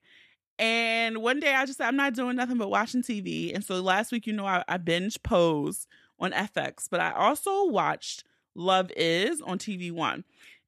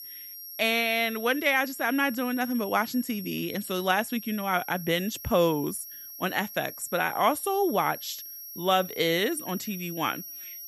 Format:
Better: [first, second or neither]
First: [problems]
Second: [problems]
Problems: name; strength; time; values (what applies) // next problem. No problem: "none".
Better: first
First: none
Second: high-pitched whine; noticeable; throughout; 11.5 kHz, 10 dB below the speech